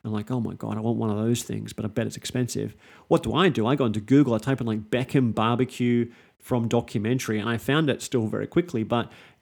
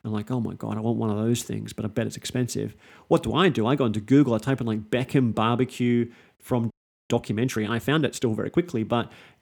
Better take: first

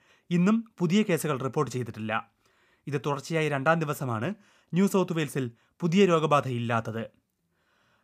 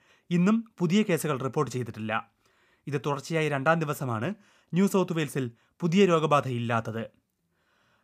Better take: neither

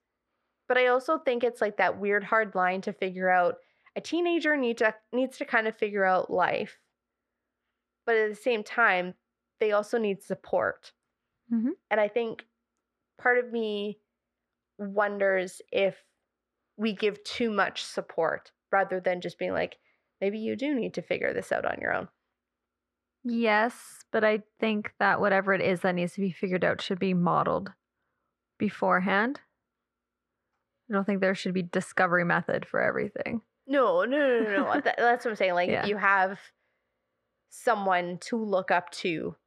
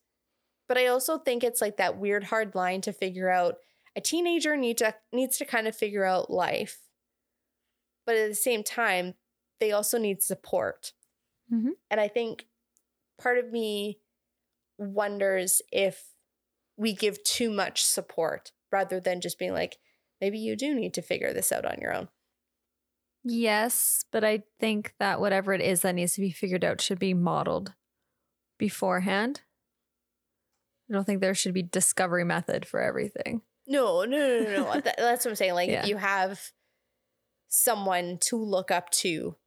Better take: second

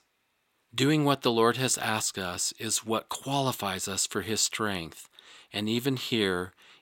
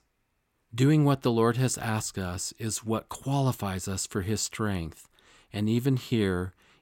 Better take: second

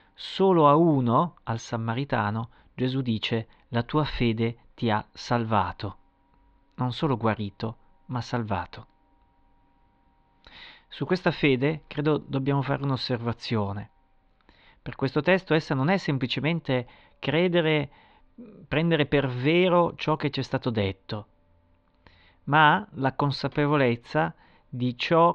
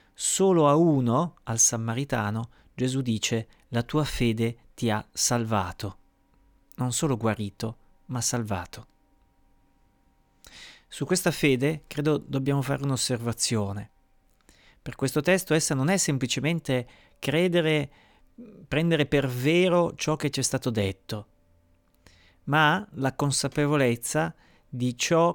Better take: second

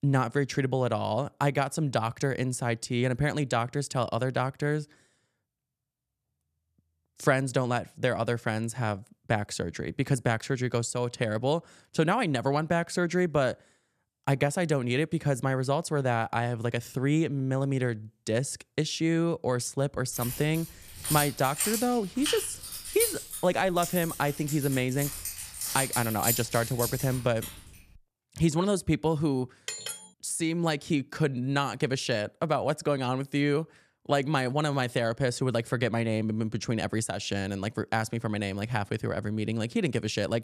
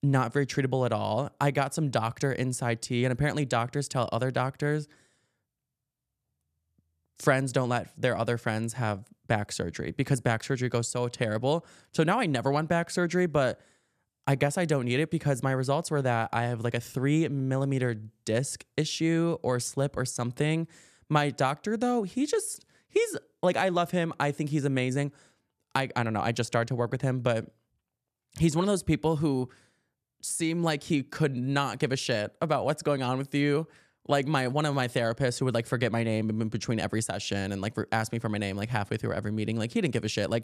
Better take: second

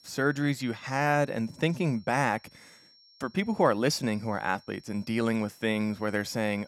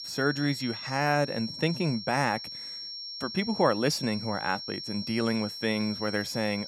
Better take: first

